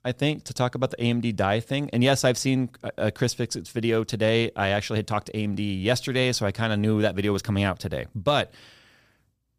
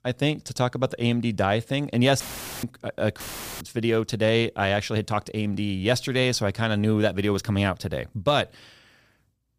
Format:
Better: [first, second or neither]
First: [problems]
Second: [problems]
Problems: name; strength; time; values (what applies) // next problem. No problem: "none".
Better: first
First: none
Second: audio cutting out; filled with static; at 2 s and at 3 s